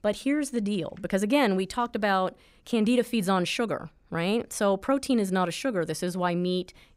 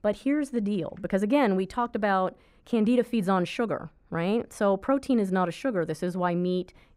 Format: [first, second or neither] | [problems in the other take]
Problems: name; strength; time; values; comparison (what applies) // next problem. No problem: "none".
first | muffled; slightly; fading above 2.5 kHz